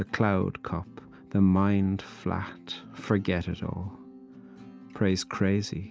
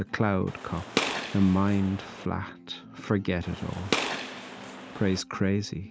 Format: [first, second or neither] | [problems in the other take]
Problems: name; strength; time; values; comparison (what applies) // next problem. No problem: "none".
first | background sound (Gunshot, gunfire); 5 dB below the speech